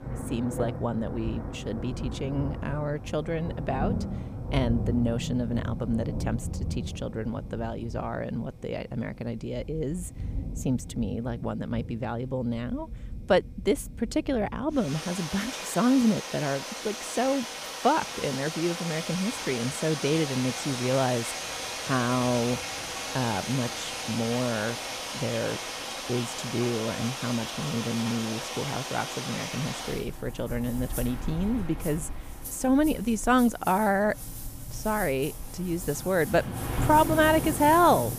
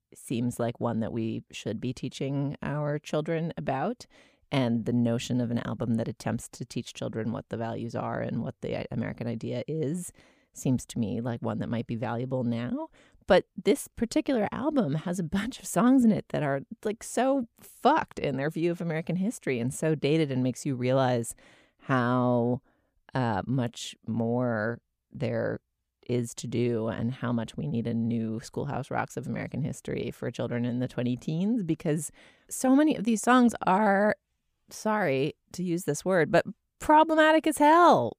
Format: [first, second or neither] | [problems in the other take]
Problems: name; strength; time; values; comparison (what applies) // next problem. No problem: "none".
second | rain or running water; loud; throughout; 6 dB below the speech